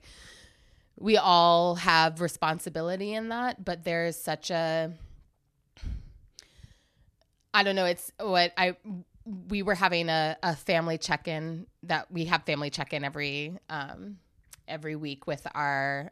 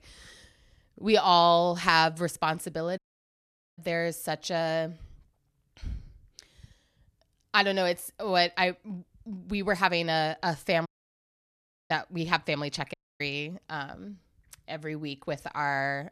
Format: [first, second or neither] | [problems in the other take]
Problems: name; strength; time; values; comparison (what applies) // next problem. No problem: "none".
first | audio cutting out; at 3 s for 1 s, at 11 s for 1 s and at 13 s